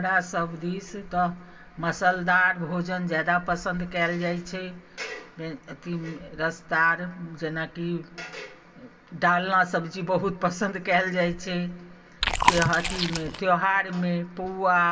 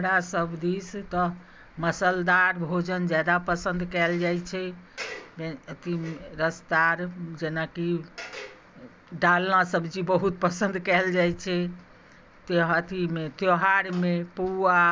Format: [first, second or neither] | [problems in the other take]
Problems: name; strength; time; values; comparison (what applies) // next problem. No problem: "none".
second | background sound (Chewing, mastication); 1 dB above the speech // room echo; dies away in 0.3 s